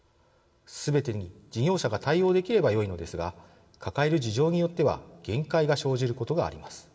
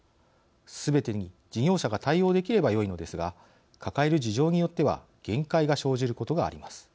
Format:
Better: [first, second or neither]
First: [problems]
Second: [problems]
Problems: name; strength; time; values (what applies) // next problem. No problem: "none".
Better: second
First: room echo; dies away in 1 s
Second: none